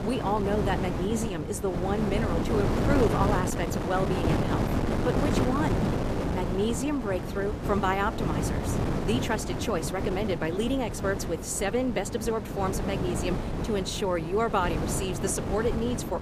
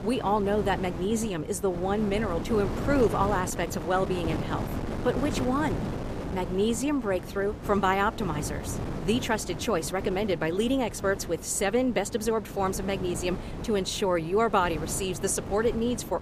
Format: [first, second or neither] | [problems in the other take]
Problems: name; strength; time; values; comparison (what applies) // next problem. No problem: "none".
second | wind noise on the microphone; heavy; 3 dB below the speech; occasional gusts in the second